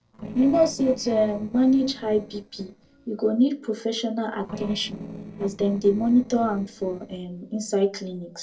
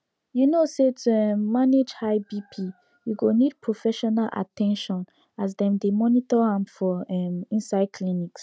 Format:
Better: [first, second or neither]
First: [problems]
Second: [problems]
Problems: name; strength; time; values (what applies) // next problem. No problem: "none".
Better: second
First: noise reduction (neural separator model SepFormer DNS4)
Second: none